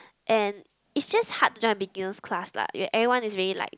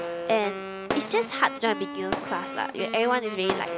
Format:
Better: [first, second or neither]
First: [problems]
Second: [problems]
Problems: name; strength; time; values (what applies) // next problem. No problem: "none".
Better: first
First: none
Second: background sound (Fireworks + Wind instrument, woodwind instrument); 5 dB below the speech